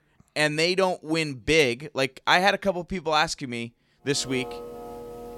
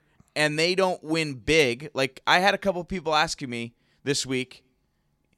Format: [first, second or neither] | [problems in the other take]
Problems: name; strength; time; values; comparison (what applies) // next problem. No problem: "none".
second | background music; noticeable; from 4 s on; 15 dB below the speech